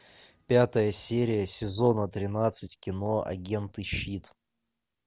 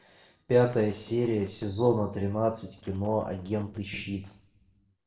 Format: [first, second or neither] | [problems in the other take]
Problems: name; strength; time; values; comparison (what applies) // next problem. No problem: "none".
first | noise reduction (neural separator model SepFormer DNS4)